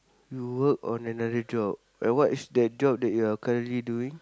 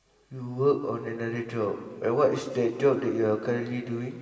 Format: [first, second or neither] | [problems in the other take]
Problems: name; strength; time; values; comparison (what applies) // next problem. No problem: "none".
first | room echo; dies away in 2.5 s